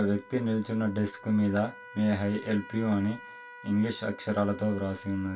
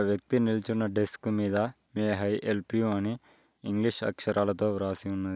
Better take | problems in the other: second | background sound (Trumpet); 19 dB below the speech // room echo; dies away in 0.2 s

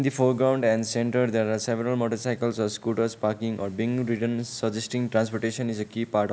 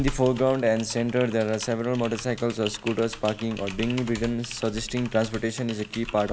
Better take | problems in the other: first | background sound (Typing); 12 dB below the speech

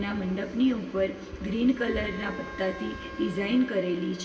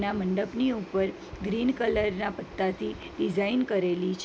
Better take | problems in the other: second | background sound (Wind instrument, woodwind instrument); 18 dB below the speech // room echo; dies away in 1.9 s

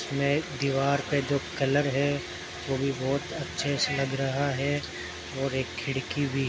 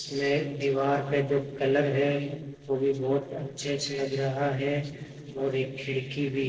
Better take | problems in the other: first | noise reduction (neural separator model SepFormer DNS4)

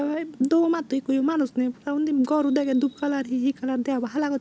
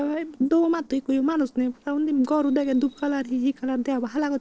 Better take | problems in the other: first | noise reduction (neural separator model SepFormer DNS4)

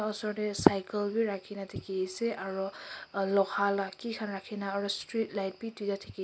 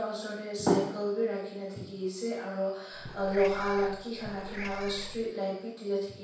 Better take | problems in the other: first | background sound (Meow / Purr); 10 dB below the speech // room echo; dies away in 0.7 s

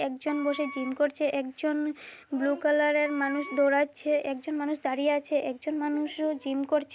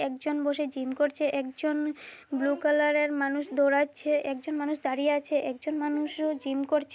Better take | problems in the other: second | background sound (Wind instrument, woodwind instrument); 15 dB below the speech

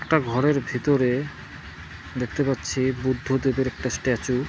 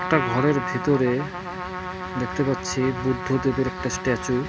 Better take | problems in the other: first | background sound (Trumpet); 7 dB below the speech

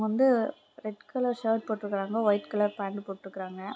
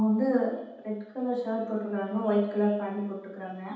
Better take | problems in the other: first | room echo; dies away in 0.8 s

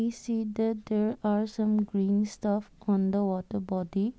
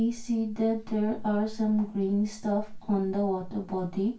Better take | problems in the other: first | room echo; dies away in 0.2 s

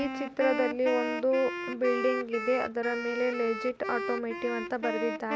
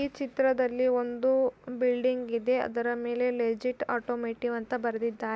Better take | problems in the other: second | background sound (Wind instrument, woodwind instrument); 5 dB below the speech

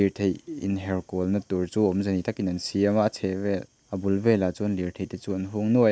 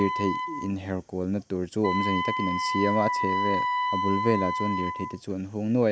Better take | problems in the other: first | background sound (Wind instrument, woodwind instrument); 2 dB below the speech

